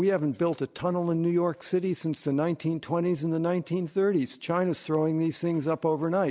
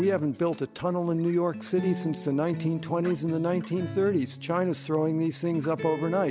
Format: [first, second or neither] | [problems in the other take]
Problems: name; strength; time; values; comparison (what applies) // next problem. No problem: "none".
first | background sound (Acoustic guitar); 11 dB below the speech